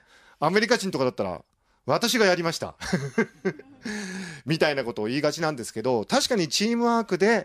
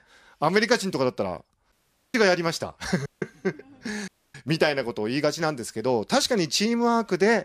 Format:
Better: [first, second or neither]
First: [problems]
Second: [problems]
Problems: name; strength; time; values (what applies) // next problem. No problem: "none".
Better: first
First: none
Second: audio cutting out; at 1.5 s, at 3 s and at 4 s